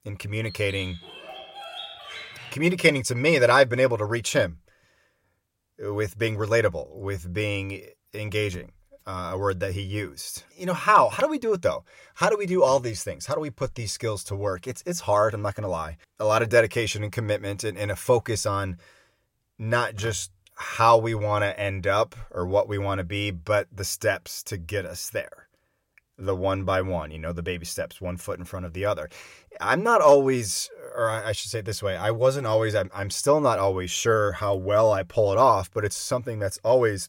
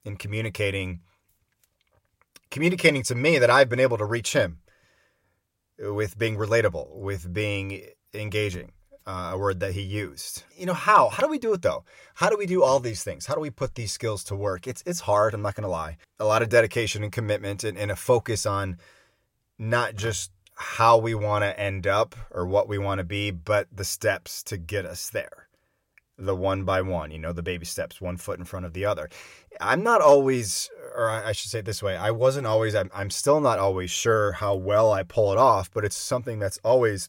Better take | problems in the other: second | dog barking; faint; until 2.5 s; peak 10 dB below the speech

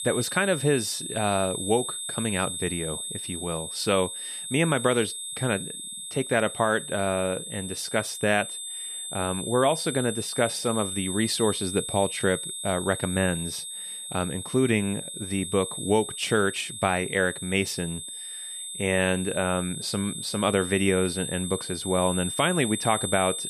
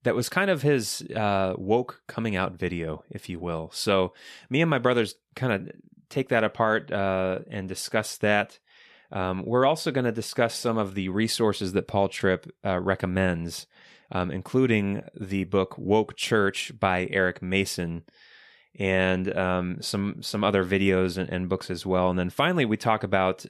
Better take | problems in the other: second | high-pitched whine; loud; throughout; 8 kHz, 6 dB below the speech

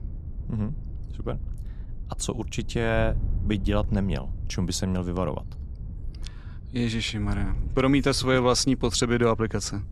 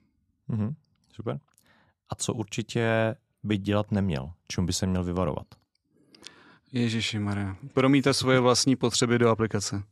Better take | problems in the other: second | wind noise on the microphone; occasional gusts; 25 dB below the speech

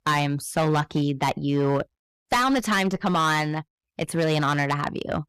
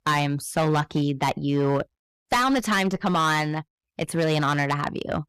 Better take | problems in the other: neither | distortion; heavy; 11% of the sound clipped; the same in both

